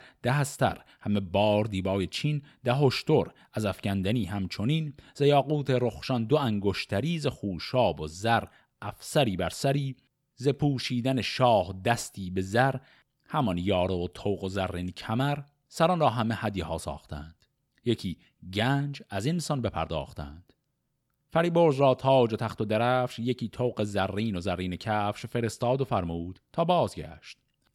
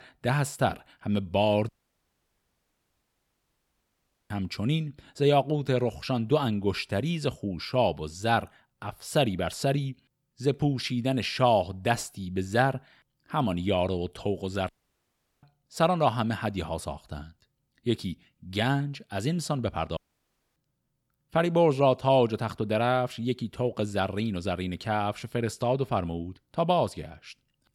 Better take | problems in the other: first | audio cutting out; at 1.5 s for 2.5 s, at 15 s for 0.5 s and at 20 s for 0.5 s

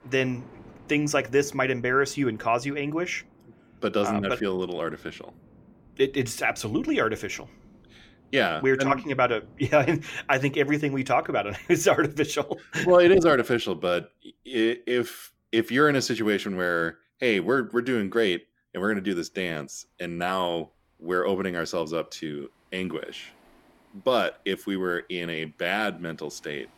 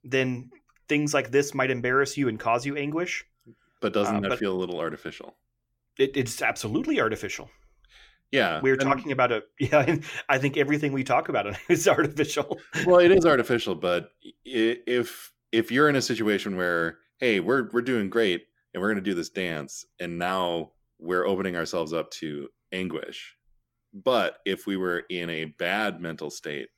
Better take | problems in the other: second | rain or running water; faint; throughout; 30 dB below the speech

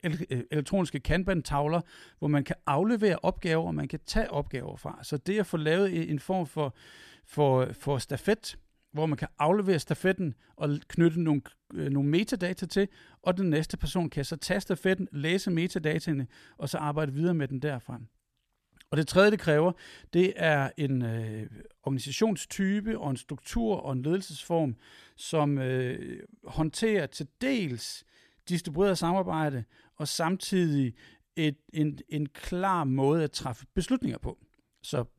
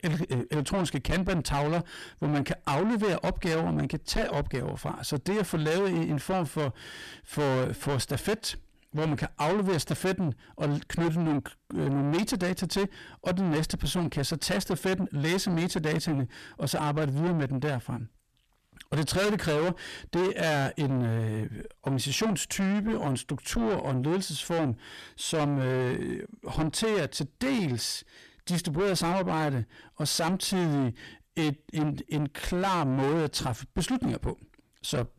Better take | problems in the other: first | distortion; heavy; 6 dB below the speech

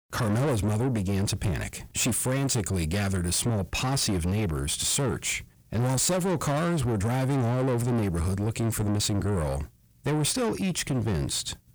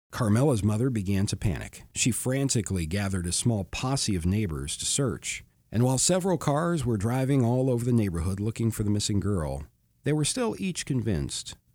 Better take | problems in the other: second | distortion; heavy; 8 dB below the speech

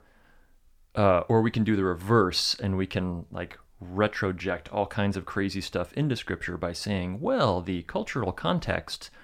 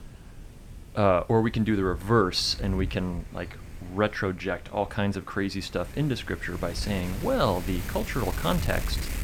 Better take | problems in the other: first | wind noise on the microphone; occasional gusts; 15 dB below the speech

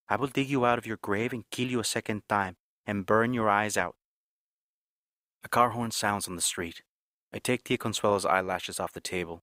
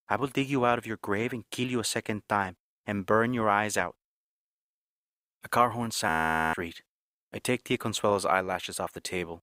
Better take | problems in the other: first | audio freezing; at 6 s

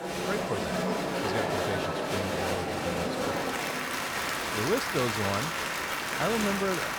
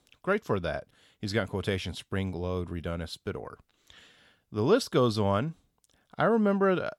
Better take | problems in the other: second | crowd noise; very loud; throughout; 4 dB above the speech

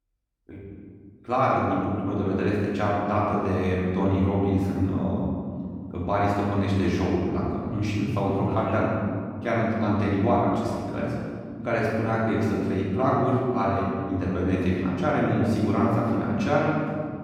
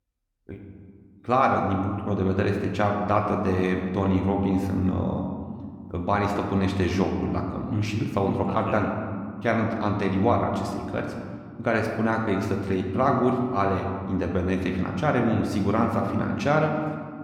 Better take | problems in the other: second | room echo; strong; dies away in 2.5 s; slight in the second // off-mic speech; far

